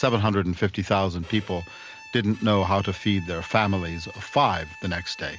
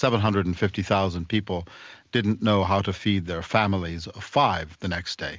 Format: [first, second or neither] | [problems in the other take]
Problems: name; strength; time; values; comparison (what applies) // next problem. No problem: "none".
second | background sound (Bowed string instrument); 20 dB below the speech